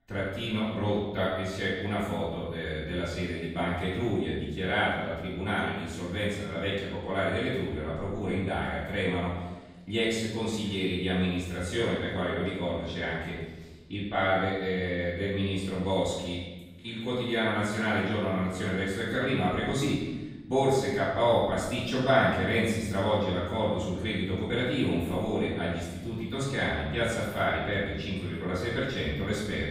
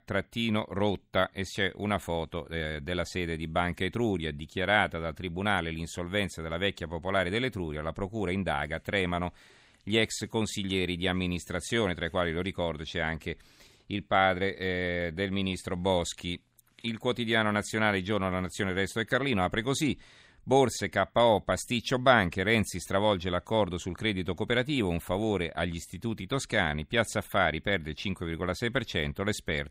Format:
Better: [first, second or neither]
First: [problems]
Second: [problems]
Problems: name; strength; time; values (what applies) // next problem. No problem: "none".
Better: second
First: off-mic speech; far // room echo; noticeable; dies away in 1.1 s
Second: none